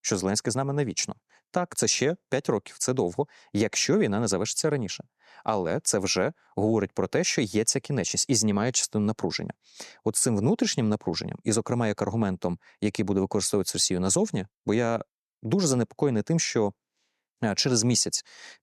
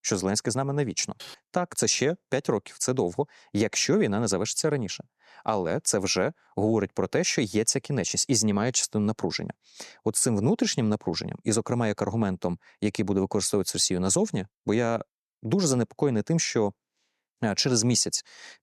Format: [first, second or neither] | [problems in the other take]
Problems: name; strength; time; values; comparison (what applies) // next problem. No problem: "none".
first | keyboard typing; faint; at 1 s; peak 15 dB below the speech